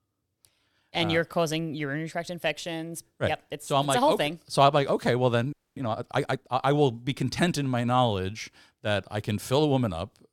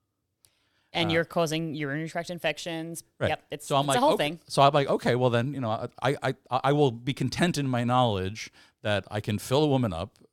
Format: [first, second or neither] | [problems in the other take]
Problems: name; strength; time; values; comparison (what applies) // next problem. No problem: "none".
second | audio freezing; at 5.5 s